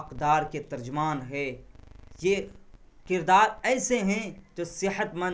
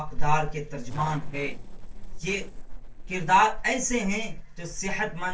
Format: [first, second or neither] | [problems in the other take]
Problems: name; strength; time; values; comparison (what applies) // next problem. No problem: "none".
first | noise reduction (neural separator model SepFormer DNS4)